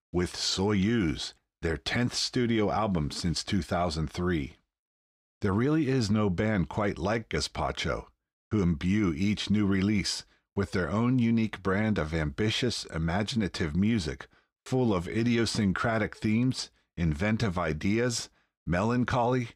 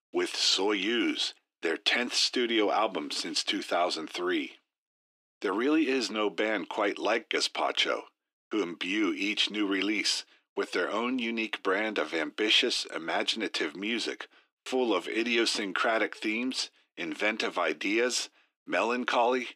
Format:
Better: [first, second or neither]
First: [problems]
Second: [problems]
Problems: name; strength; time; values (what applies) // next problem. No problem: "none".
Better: first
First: none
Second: thin; somewhat; fading below 300 Hz